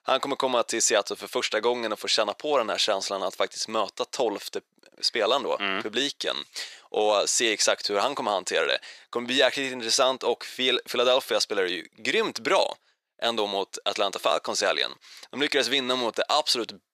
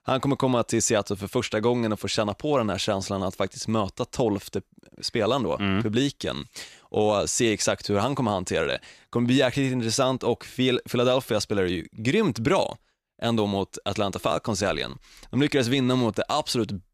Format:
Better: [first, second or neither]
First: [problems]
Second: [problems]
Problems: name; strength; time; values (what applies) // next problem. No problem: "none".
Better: second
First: thin; somewhat; fading below 500 Hz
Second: none